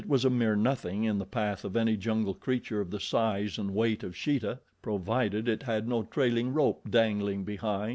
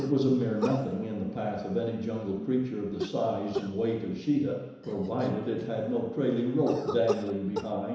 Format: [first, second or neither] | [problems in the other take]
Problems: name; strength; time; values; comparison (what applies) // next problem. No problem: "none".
first | background sound (Cough); 11 dB below the speech // room echo; dies away in 1 s